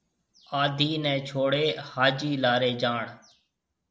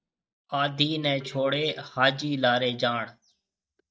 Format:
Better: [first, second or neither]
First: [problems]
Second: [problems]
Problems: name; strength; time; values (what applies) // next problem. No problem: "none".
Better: first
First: none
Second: noise reduction (neural mask model DeepFilterNet 3)